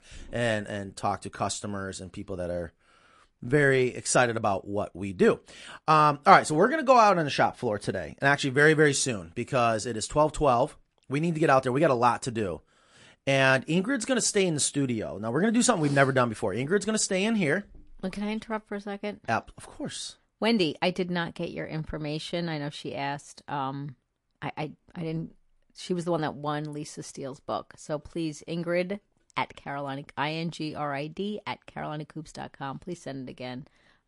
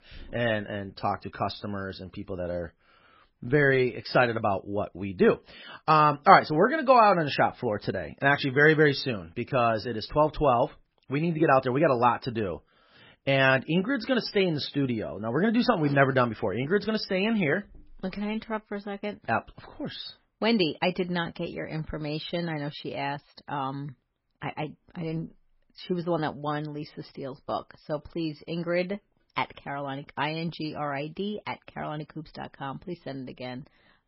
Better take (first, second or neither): first